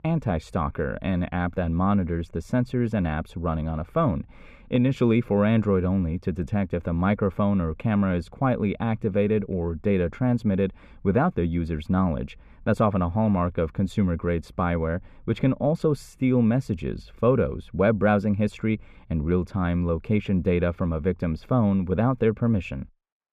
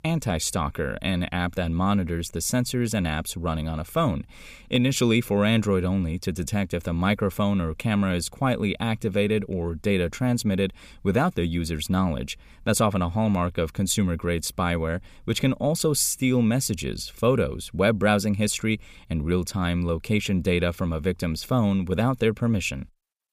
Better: second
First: muffled; very; fading above 3.5 kHz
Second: none

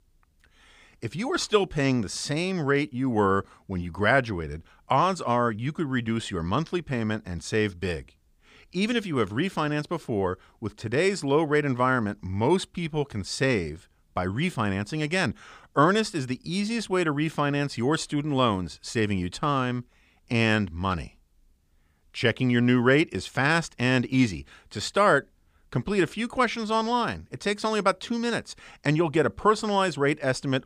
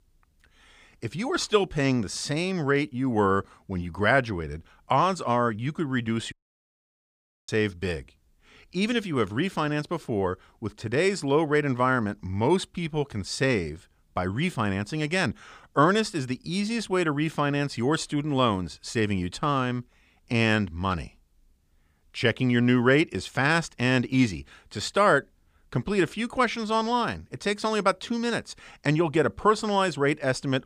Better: first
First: none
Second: audio cutting out; at 6.5 s for 1 s

